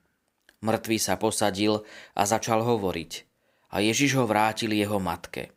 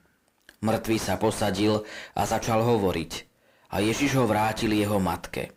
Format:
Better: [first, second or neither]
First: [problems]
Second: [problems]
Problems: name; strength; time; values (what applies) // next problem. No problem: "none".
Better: first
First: none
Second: distortion; heavy; 5 dB below the speech